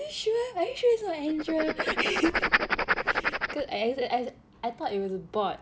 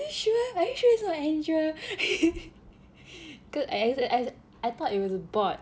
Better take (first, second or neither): second